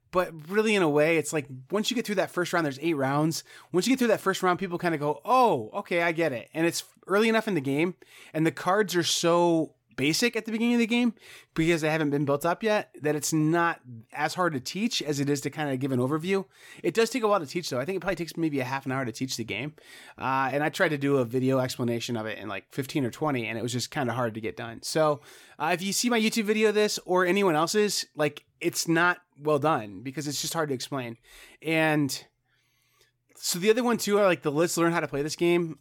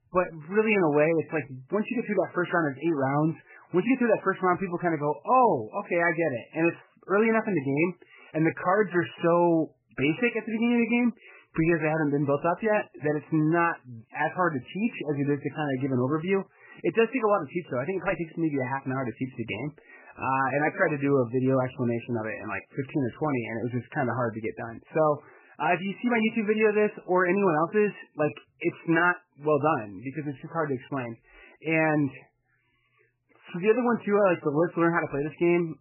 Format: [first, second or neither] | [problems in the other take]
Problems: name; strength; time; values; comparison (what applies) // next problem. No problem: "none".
first | garbled, watery; badly; nothing above 3 kHz